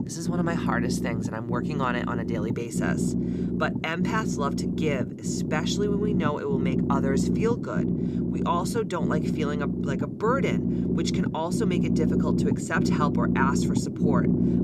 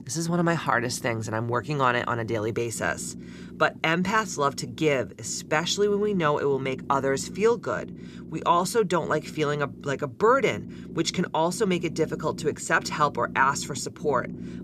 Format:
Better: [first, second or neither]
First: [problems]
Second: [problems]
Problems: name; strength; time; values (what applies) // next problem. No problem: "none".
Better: second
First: low rumble; loud; throughout; 3 dB below the speech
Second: low rumble; faint; throughout; 20 dB below the speech